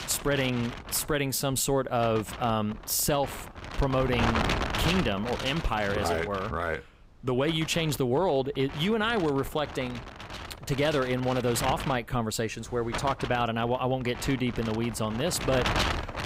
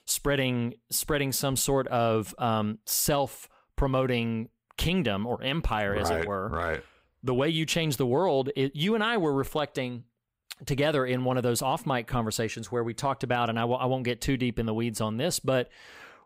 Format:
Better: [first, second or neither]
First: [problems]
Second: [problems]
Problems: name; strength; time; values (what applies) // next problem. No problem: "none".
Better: second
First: wind noise on the microphone; heavy; 6 dB below the speech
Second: none